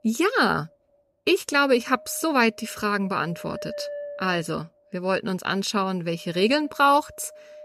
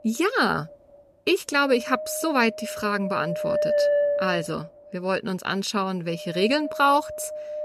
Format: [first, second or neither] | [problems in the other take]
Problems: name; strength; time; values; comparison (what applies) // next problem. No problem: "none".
first | wind noise on the microphone; heavy; 4 dB below the speech; occasional gusts in the first